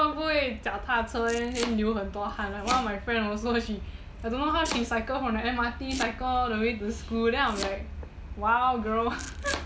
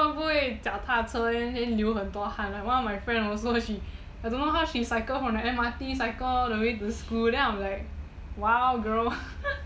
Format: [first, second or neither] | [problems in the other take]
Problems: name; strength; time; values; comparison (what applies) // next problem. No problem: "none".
second | background sound (Domestic sounds, home sounds); 14 dB below the speech